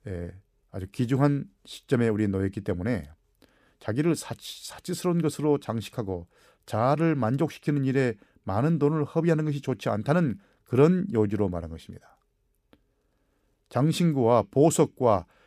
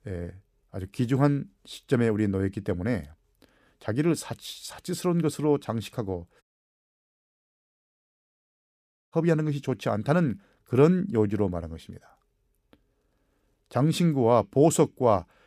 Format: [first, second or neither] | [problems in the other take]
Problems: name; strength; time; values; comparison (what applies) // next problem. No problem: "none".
first | audio cutting out; at 6.5 s for 2.5 s